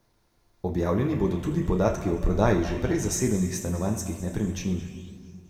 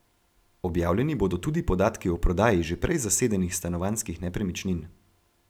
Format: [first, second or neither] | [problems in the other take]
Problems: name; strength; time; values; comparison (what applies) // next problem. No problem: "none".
second | room echo; dies away in 2.1 s